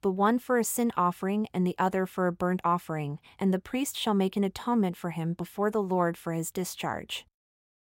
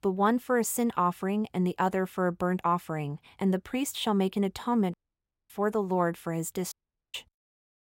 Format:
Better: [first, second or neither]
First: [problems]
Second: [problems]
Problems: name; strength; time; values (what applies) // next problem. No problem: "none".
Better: first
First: none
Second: audio cutting out; at 5 s for 0.5 s and at 6.5 s